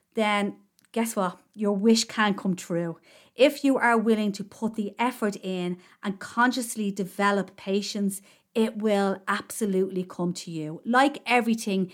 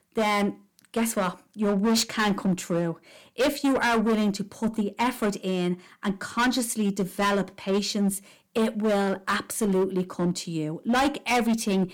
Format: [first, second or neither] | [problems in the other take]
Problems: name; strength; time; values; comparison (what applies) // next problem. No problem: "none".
first | distortion; heavy; 12% of the sound clipped